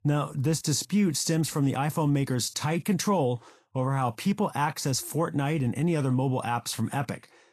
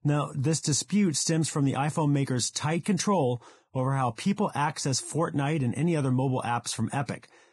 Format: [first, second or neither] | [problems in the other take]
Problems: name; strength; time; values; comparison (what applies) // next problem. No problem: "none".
first | garbled, watery; badly; nothing above 10 kHz; slightly in the first